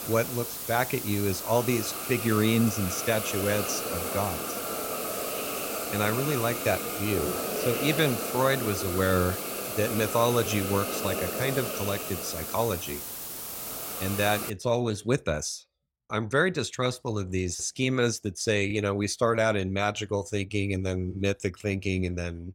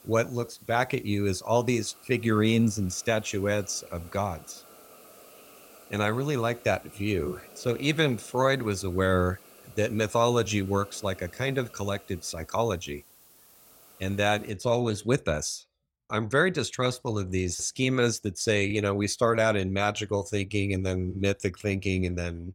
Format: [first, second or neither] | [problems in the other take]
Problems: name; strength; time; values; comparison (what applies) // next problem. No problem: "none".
second | hiss; loud; until 15 s; 3 dB below the speech; faint in the second